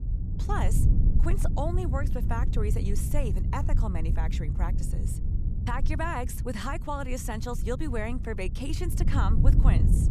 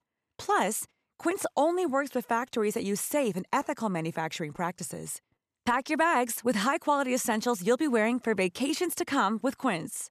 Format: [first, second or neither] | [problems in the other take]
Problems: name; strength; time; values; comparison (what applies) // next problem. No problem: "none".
second | low rumble; loud; throughout; 8 dB below the speech